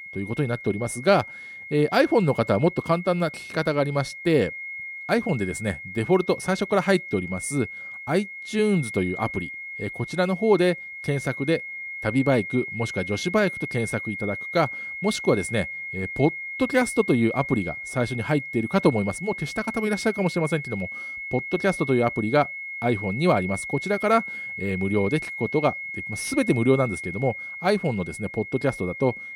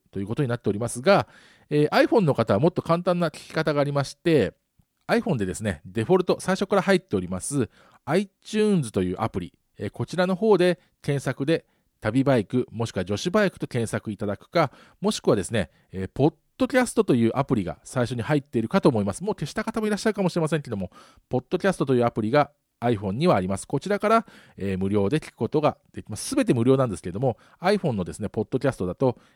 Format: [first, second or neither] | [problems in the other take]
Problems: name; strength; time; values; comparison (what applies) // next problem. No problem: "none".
second | high-pitched whine; loud; throughout; 2 kHz, 8 dB below the speech